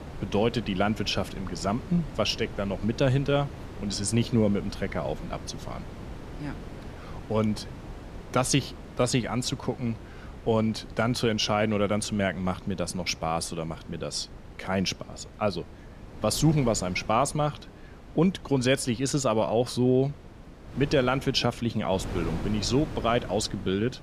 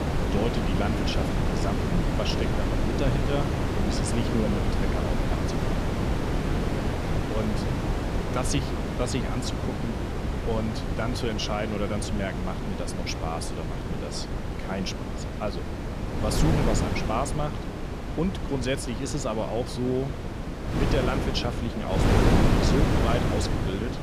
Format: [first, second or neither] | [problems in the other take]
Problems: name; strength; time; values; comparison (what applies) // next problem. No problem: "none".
first | wind noise on the microphone; heavy; 1 dB above the speech; occasional gusts in the first